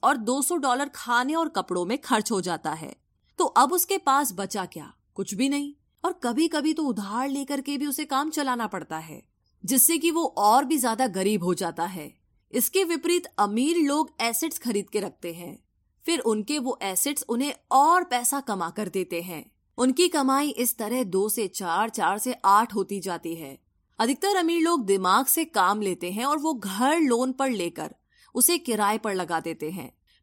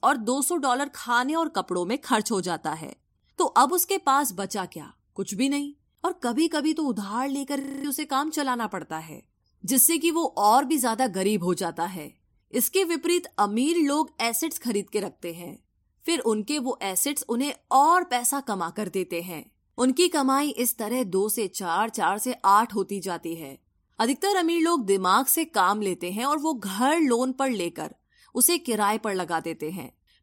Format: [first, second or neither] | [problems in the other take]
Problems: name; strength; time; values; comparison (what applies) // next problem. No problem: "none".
first | audio freezing; at 7.5 s